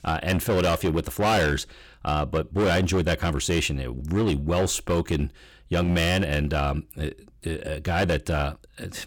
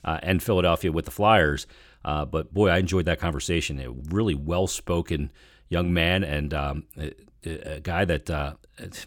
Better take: second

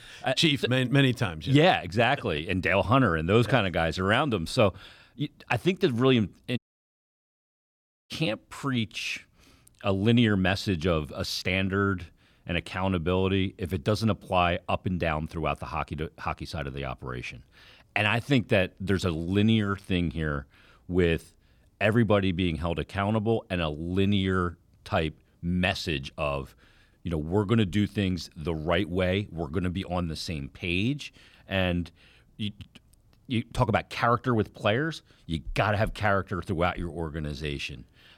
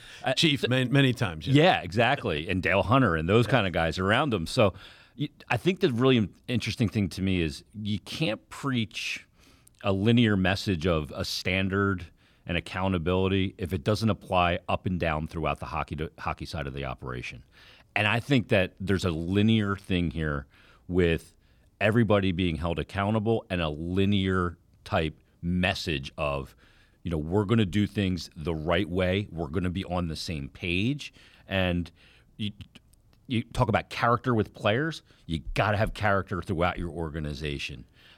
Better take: second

